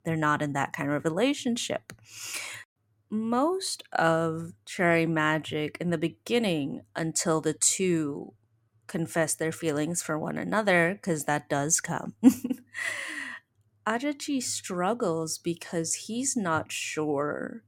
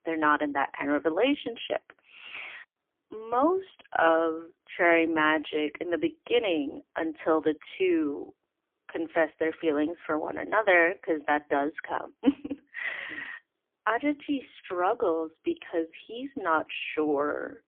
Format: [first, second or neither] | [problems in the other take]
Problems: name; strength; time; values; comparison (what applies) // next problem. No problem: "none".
first | phone-call audio; poor line; nothing above 3.5 kHz